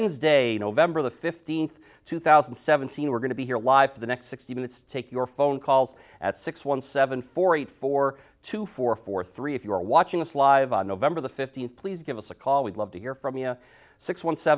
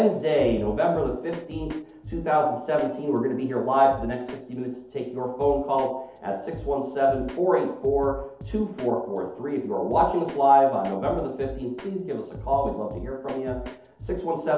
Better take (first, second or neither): first